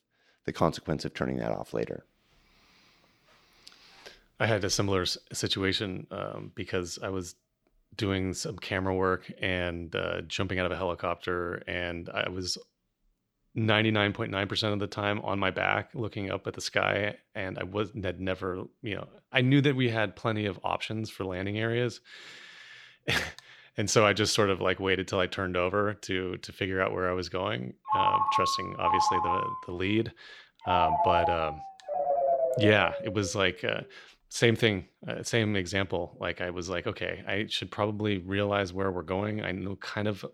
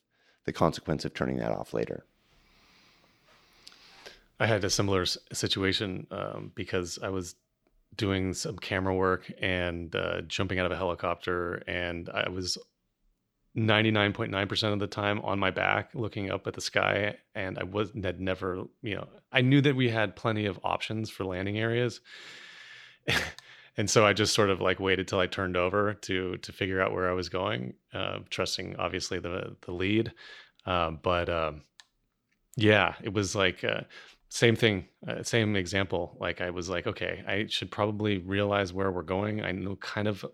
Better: second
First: phone ringing; loud; from 28 to 33 s; peak 5 dB above the speech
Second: none

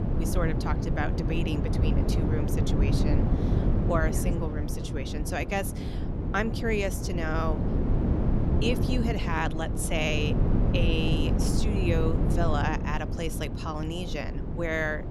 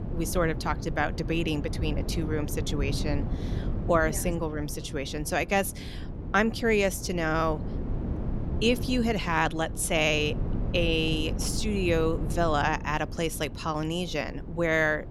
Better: second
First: wind noise on the microphone; heavy; 4 dB below the speech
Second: wind noise on the microphone; occasional gusts; 15 dB below the speech

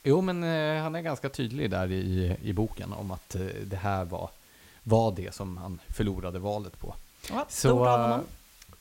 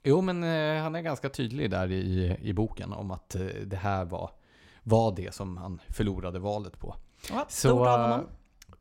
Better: second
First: hiss; faint; throughout; 25 dB below the speech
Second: none

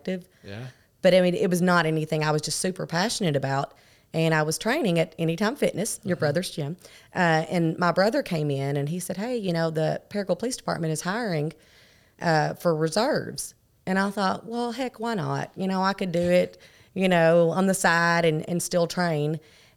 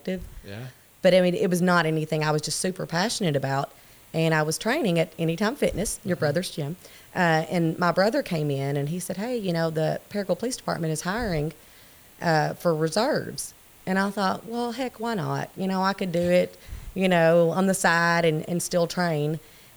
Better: first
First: none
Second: hiss; faint; throughout; 25 dB below the speech

